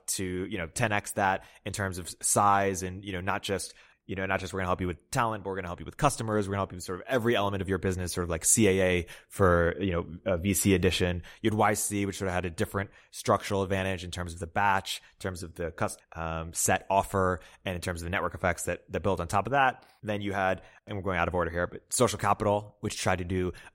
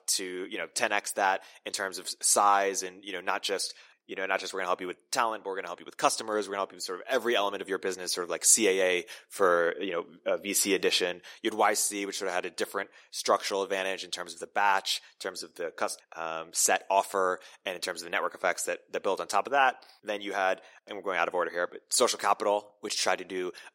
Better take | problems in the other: first | thin; somewhat; fading below 350 Hz

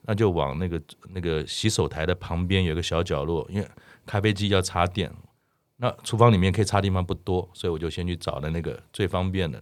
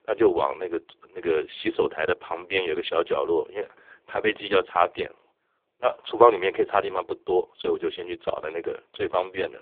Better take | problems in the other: first | phone-call audio; poor line; nothing above 3.5 kHz

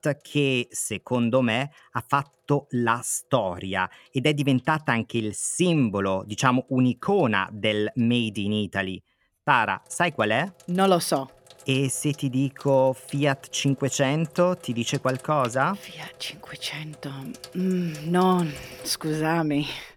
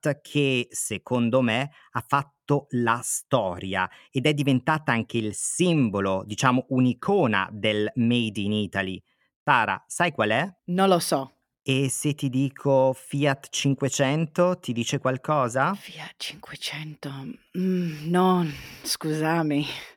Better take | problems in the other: second | household noises; faint; throughout; 20 dB below the speech

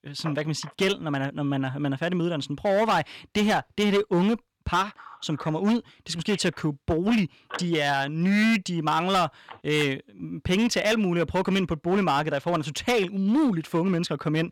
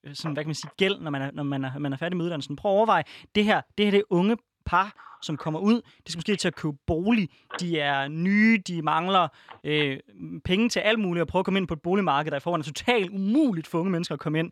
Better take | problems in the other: second | distortion; slight; 9% of the sound clipped

